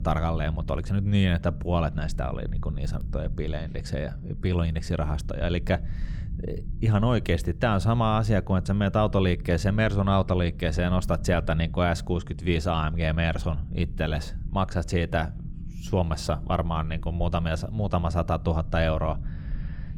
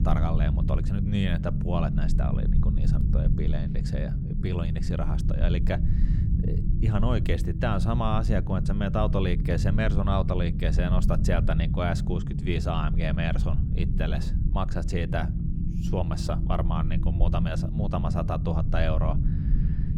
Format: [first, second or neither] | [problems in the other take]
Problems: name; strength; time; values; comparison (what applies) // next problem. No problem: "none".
first | low rumble; loud; throughout; 7 dB below the speech; faint in the first